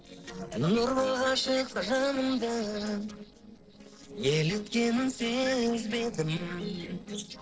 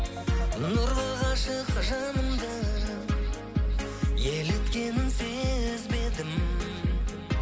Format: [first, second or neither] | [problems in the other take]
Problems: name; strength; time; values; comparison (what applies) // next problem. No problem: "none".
second | noise reduction (neural separator model SepFormer DNS4)